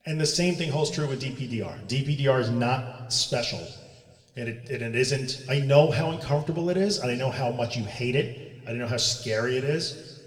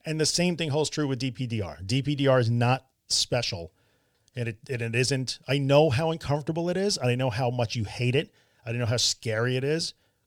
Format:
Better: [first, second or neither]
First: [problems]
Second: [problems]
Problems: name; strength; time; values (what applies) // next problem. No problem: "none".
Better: second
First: room echo; slight; dies away in 1.4 s // off-mic speech; somewhat distant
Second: none